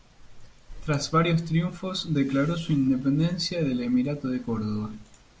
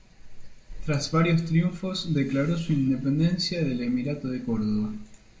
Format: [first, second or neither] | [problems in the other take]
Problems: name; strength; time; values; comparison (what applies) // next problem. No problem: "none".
first | room echo; dies away in 0.5 s